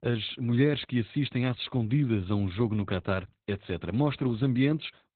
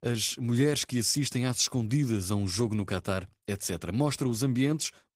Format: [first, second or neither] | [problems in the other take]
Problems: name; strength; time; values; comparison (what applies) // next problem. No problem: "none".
second | garbled, watery; badly; nothing above 4 kHz; slightly in the second